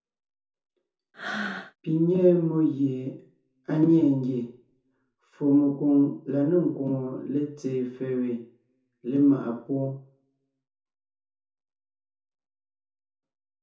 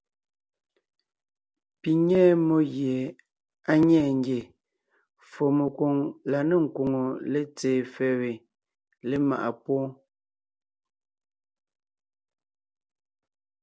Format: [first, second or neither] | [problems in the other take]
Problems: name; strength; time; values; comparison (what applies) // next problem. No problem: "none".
second | background sound (Breathing); 11 dB below the speech // room echo; dies away in 0.7 s